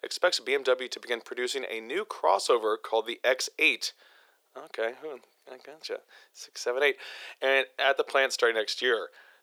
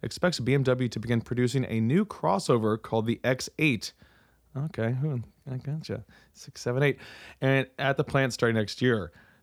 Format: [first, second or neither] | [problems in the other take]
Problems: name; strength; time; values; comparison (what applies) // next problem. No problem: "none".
second | thin; very; fading below 400 Hz